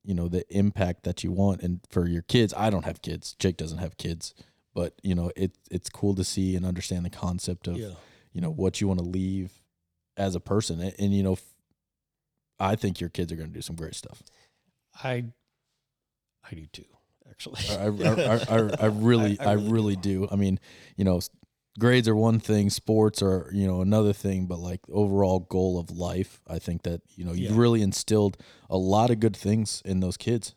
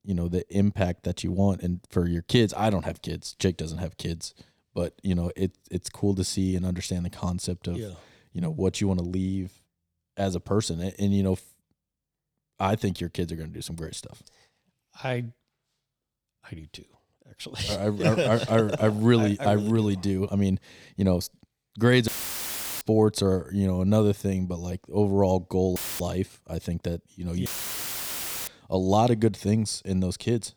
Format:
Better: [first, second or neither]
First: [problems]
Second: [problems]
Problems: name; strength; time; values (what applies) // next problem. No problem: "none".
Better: first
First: none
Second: audio cutting out; filled with static; at 22 s for 0.5 s, at 26 s and at 27 s for 1 s